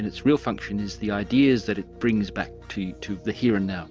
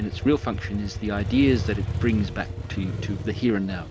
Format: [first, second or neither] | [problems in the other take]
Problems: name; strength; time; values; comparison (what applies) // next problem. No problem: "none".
first | background sound (Motorcycle); 4 dB below the speech